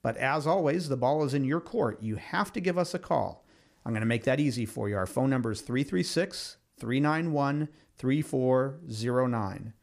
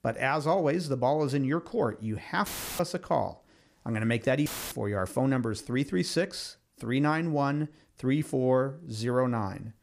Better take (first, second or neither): first